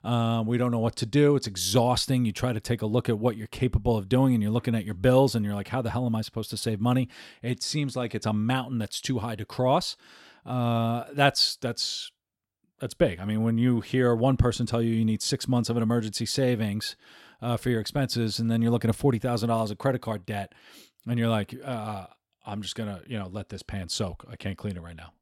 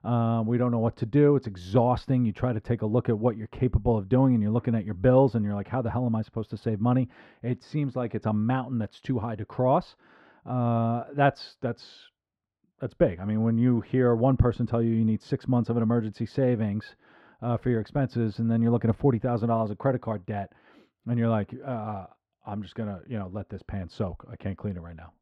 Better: first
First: none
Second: muffled; very; fading above 3.5 kHz

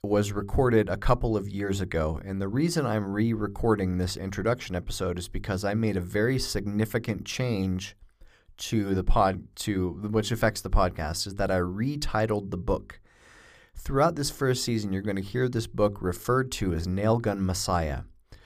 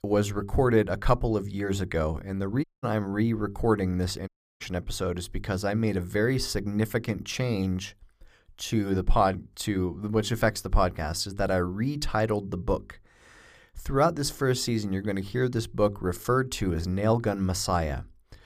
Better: first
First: none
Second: audio cutting out; at 2.5 s and at 4.5 s

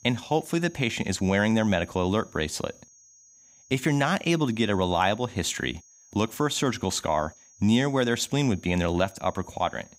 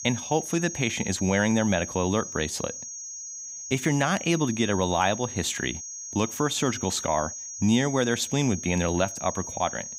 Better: first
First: high-pitched whine; faint; throughout; 6.5 kHz, 25 dB below the speech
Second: high-pitched whine; loud; throughout; 6.5 kHz, 8 dB below the speech

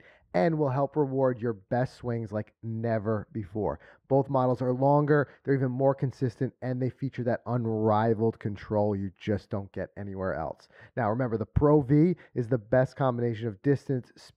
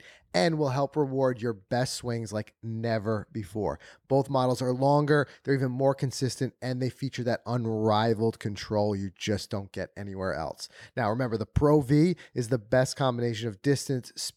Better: second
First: muffled; very; fading above 3.5 kHz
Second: none

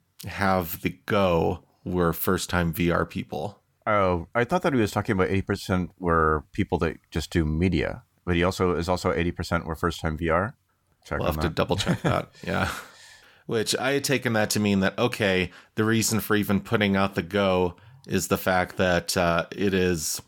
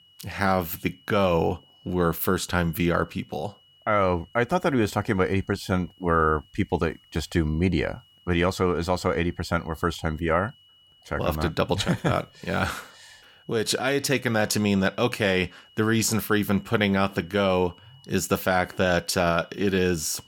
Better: first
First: none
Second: high-pitched whine; faint; throughout; 3 kHz, 30 dB below the speech

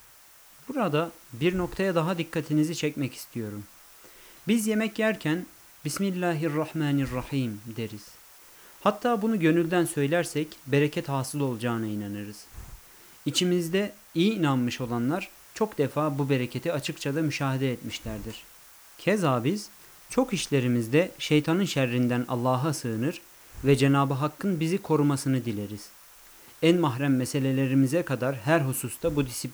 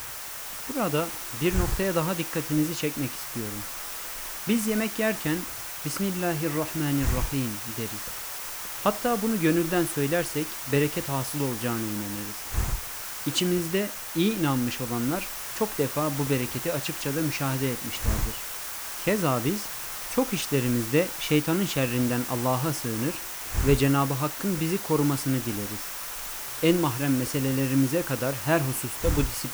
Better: first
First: hiss; faint; throughout; 20 dB below the speech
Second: hiss; loud; throughout; 5 dB below the speech

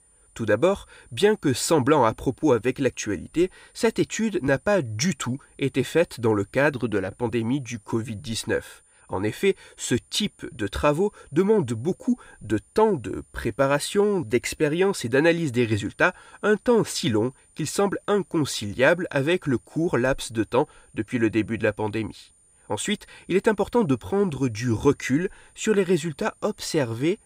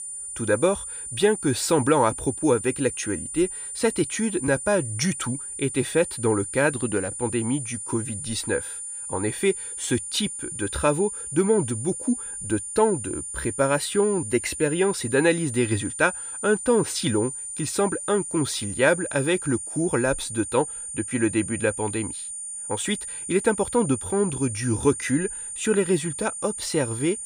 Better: first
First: high-pitched whine; faint; throughout; 9.5 kHz, 30 dB below the speech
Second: high-pitched whine; loud; throughout; 9.5 kHz, 6 dB below the speech

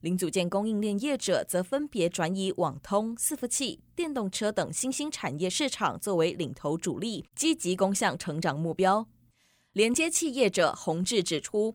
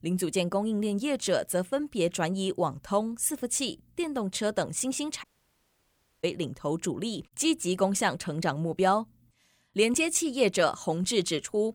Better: first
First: none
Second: audio cutting out; at 5 s for 1 s

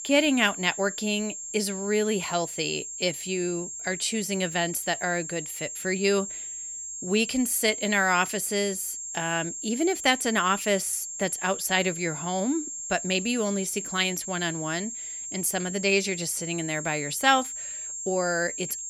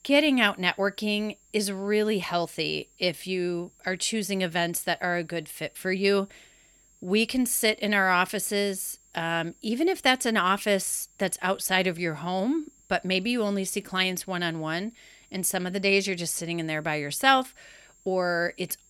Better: second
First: high-pitched whine; loud; throughout; 7.5 kHz, 7 dB below the speech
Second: high-pitched whine; faint; throughout; 7.5 kHz, 30 dB below the speech

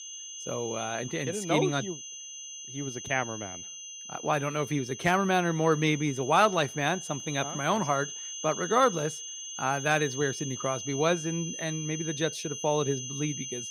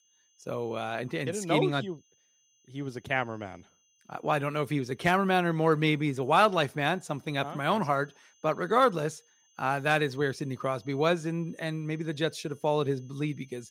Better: second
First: high-pitched whine; loud; throughout; 6.5 kHz, 8 dB below the speech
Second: high-pitched whine; faint; throughout; 6.5 kHz, 35 dB below the speech

